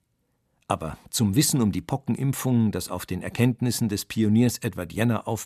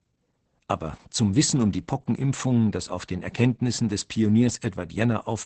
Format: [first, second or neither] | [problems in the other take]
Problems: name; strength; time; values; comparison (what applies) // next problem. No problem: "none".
first | garbled, watery; badly; nothing above 8 kHz